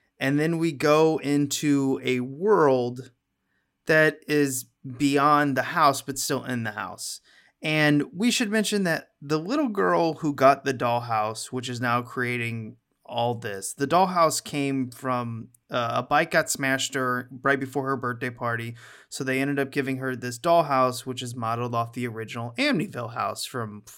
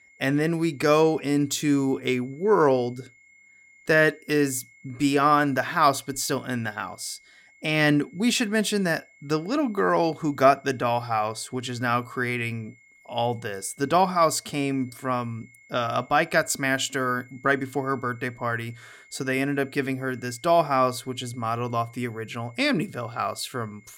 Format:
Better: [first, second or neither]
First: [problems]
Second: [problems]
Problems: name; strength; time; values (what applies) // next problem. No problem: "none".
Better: first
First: none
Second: high-pitched whine; faint; throughout; 2 kHz, 30 dB below the speech